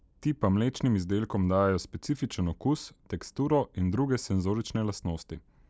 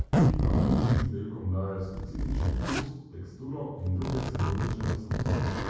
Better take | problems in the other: first | background sound (Zipper (clothing)); 4 dB above the speech // room echo; dies away in 1.3 s

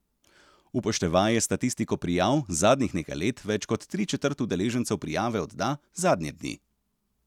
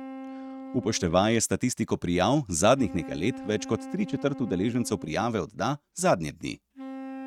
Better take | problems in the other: first | noise reduction (neural mask model RNNoise)

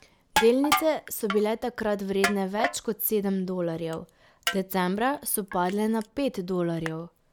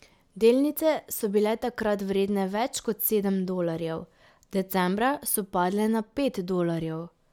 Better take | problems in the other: second | background sound (Crushing); 7 dB below the speech

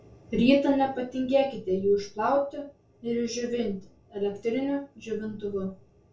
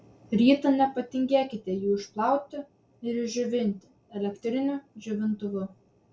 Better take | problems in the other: second | room echo; dies away in 0.2 s

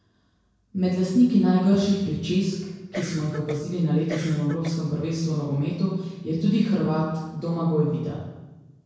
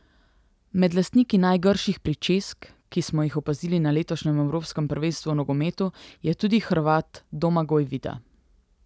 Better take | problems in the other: second | background sound (Cough); 14 dB below the speech // room echo; dies away in 1 s

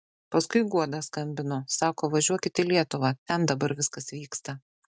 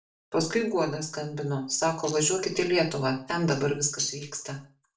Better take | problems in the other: first | noise reduction (neural separator model SepFormer DNS4)

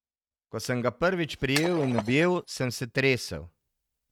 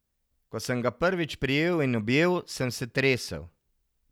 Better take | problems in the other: second | noise reduction (neural mask model RNNoise)

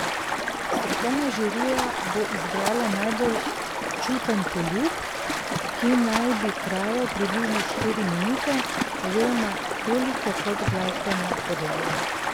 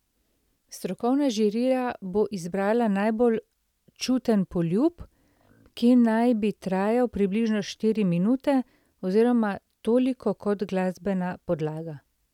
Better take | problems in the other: second | background sound (Stream); as loud as the speech

